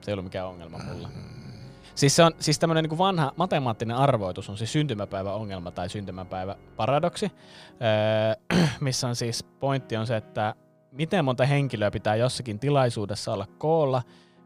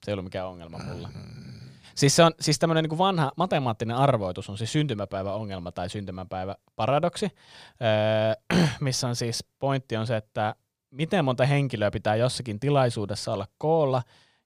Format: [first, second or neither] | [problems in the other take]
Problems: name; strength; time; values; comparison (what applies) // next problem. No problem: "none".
second | background music; faint; throughout; 25 dB below the speech